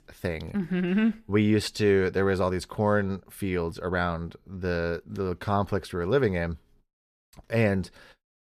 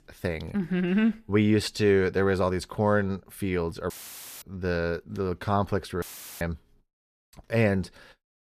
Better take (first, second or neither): first